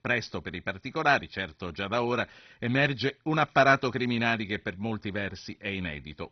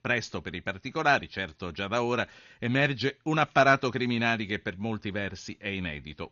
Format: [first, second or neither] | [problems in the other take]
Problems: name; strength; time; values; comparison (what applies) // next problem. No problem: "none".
second | garbled, watery; badly; nothing above 6 kHz; slightly in the second